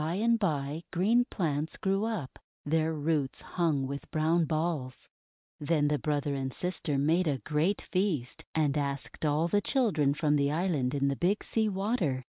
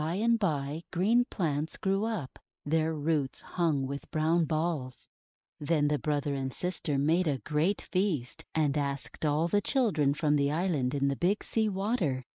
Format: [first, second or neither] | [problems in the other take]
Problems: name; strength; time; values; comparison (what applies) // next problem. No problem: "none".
first | noise reduction (neural mask model Resemble Enhance denoiser)